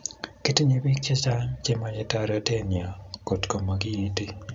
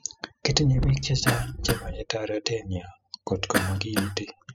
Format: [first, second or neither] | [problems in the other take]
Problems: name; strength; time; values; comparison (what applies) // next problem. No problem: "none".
first | noise reduction (classical method spectral subtraction)